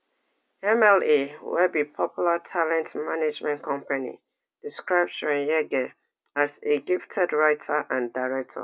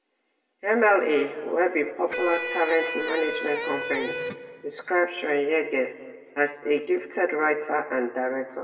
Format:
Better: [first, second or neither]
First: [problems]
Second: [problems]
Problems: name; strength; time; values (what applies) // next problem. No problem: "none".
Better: first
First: none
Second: background sound (Electric guitar); 6 dB below the speech // room echo; dies away in 1.3 s